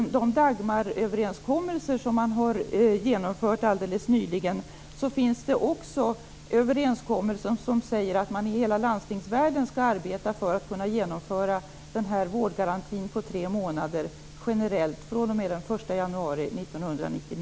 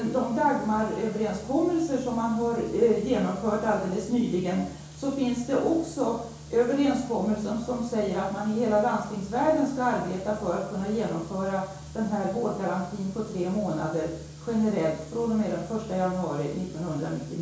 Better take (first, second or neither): first